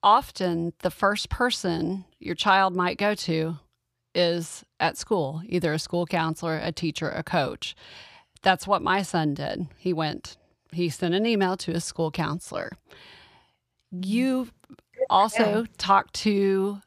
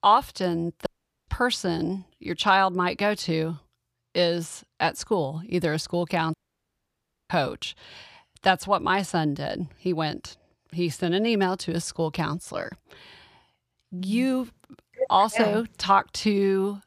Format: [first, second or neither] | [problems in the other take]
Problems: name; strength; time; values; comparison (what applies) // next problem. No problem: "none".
first | audio cutting out; at 1 s and at 6.5 s for 1 s